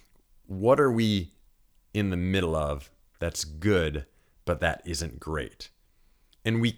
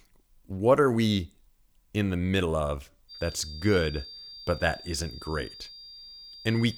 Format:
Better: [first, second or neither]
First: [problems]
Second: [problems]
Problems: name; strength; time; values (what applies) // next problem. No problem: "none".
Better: first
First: none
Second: high-pitched whine; noticeable; from 3 s on; 4.5 kHz, 15 dB below the speech